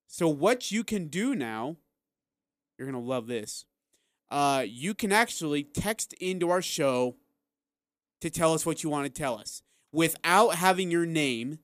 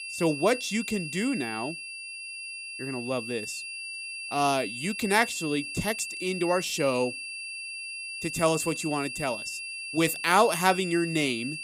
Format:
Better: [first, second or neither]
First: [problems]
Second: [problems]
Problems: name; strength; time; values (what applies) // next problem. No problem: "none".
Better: first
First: none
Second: high-pitched whine; loud; throughout; 2.5 kHz, 7 dB below the speech